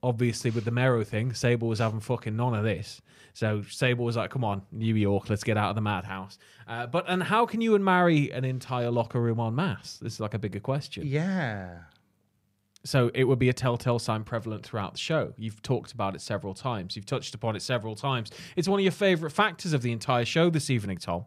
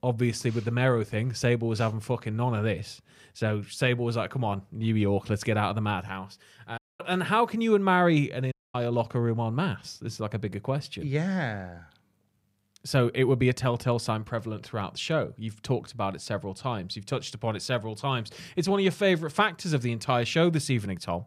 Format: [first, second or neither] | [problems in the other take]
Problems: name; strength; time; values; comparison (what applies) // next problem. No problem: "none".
first | audio cutting out; at 7 s and at 8.5 s